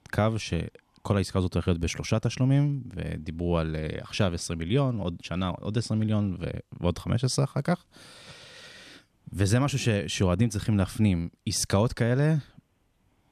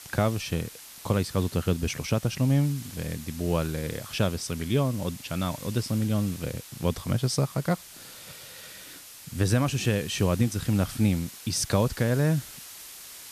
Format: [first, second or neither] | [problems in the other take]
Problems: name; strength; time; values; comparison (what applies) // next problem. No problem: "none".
first | hiss; noticeable; throughout; 15 dB below the speech